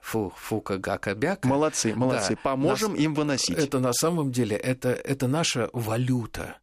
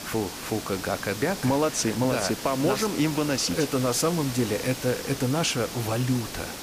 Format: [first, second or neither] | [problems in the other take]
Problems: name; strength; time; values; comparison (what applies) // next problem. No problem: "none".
first | hiss; loud; throughout; 8 dB below the speech